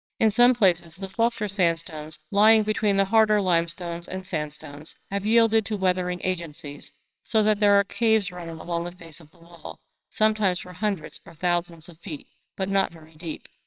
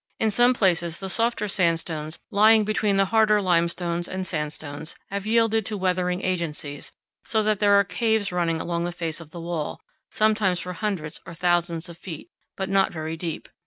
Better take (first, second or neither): second